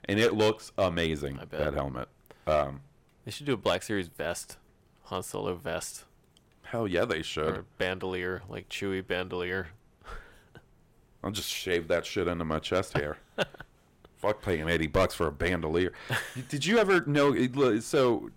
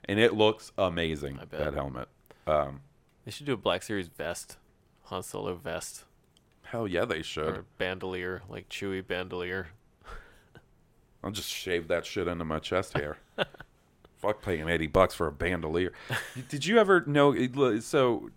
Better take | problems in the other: second | distortion; slight; 2% of the sound clipped

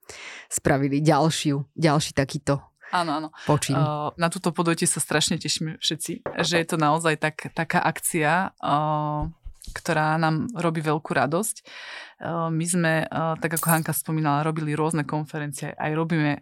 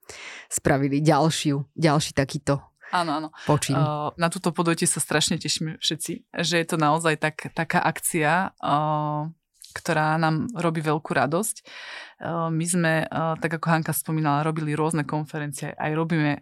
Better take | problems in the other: second | door banging; noticeable; at 6.5 s; peak 7 dB below the speech // dog barking; faint; at 9 s; peak 15 dB below the speech // jangling keys; noticeable; at 14 s; peak 3 dB below the speech

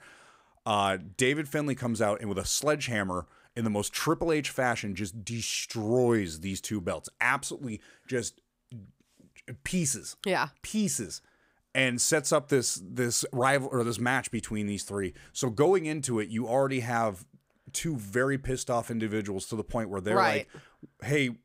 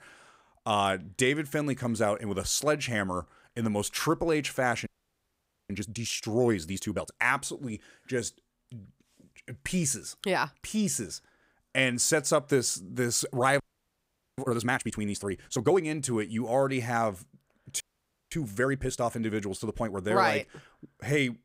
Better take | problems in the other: first | audio freezing; at 5 s for 1 s, at 14 s for 1 s and at 18 s for 0.5 s

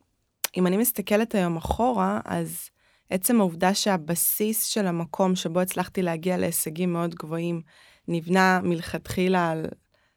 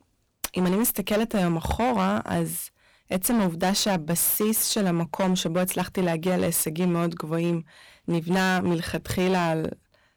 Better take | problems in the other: first | distortion; heavy; 15% of the sound clipped

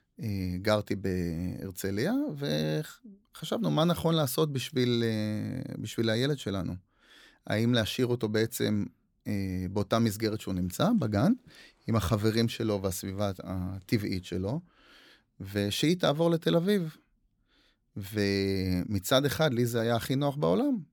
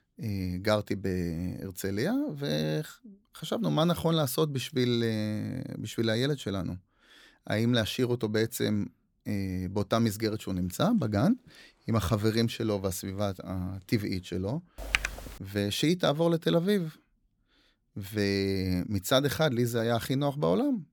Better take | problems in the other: first | keyboard typing; noticeable; at 15 s; peak level with the speech

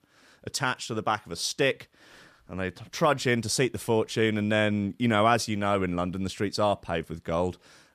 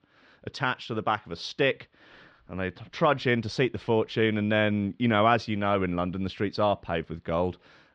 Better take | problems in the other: first | muffled; slightly; fading above 4 kHz

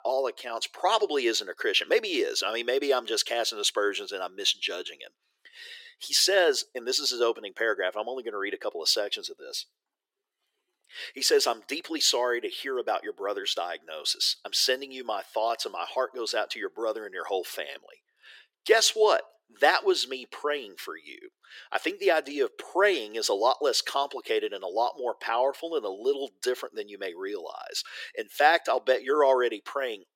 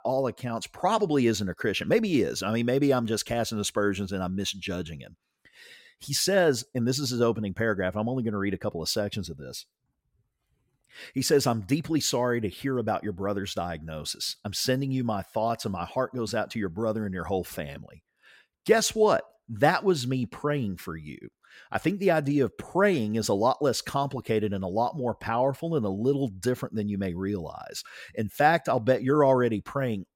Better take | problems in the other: second | thin; very; fading below 350 Hz

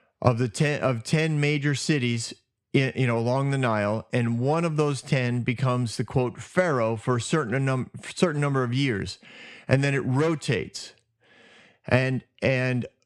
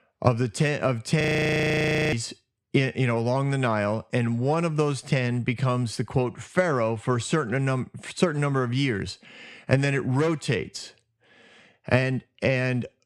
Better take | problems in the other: first | audio freezing; at 1 s for 1 s

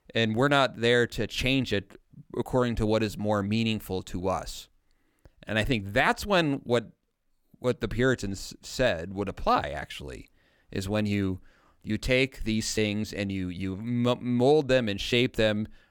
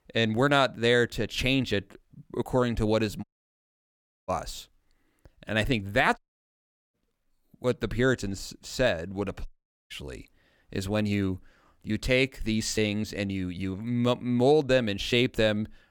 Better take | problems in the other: first | audio cutting out; at 3 s for 1 s, at 6 s for 1 s and at 9.5 s

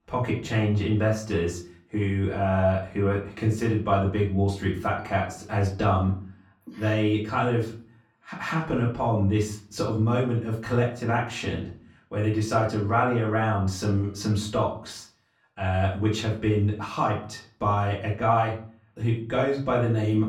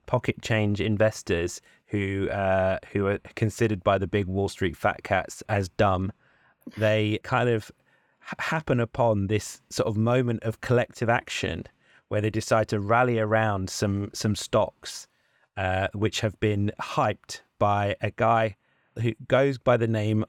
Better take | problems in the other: second | off-mic speech; far // room echo; slight; dies away in 0.4 s

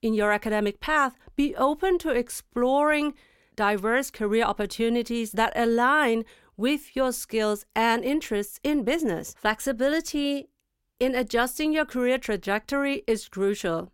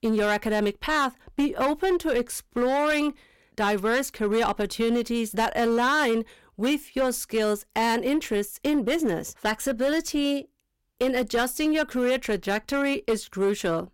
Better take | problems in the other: first | distortion; slight; 10% of the sound clipped

